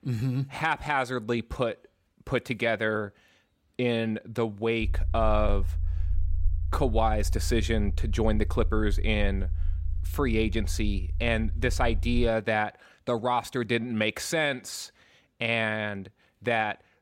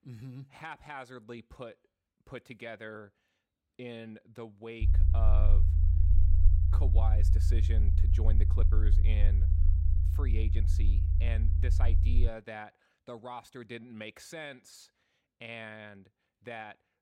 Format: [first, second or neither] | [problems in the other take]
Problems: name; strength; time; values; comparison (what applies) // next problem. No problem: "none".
first | low rumble; loud; from 5 to 12 s; 3 dB below the speech; faint in the first